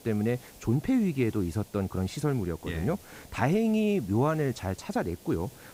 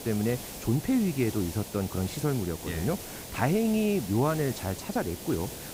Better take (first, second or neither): first